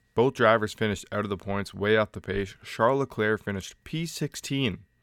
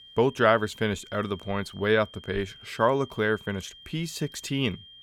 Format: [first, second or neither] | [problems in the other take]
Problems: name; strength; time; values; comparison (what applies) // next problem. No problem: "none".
first | high-pitched whine; noticeable; throughout; 3 kHz, 20 dB below the speech